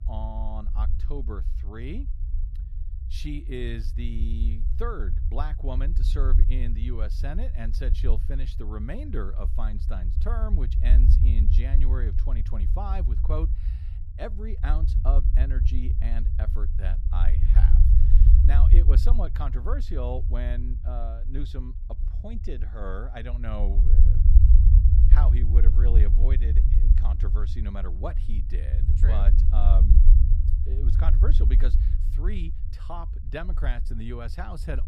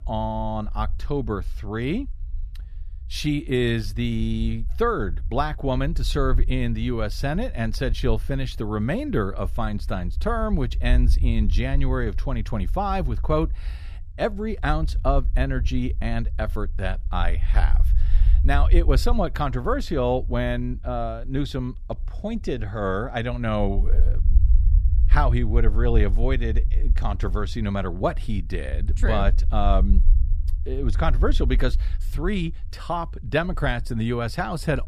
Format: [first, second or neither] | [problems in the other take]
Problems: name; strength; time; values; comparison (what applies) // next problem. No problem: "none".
second | low rumble; loud; throughout; 5 dB below the speech; faint in the second